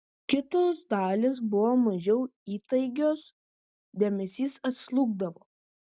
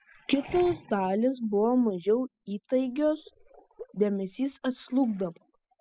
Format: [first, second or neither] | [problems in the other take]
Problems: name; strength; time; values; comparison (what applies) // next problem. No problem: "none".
first | noise reduction (classical method spectral subtraction)